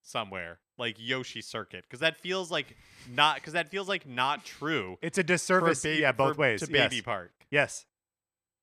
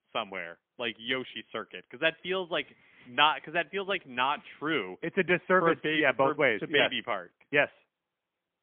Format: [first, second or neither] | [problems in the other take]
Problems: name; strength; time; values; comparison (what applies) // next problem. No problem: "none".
first | phone-call audio; poor line; nothing above 3.5 kHz